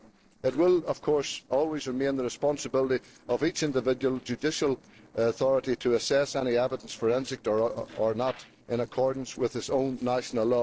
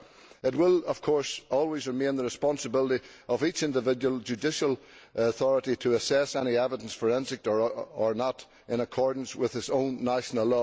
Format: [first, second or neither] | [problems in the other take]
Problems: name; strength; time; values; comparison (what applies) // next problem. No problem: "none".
second | noise reduction (neural separator model SepFormer DNS4)